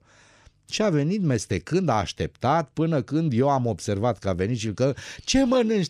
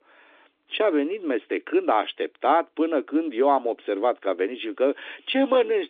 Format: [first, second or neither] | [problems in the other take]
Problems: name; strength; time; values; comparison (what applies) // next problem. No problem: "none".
first | phone-call audio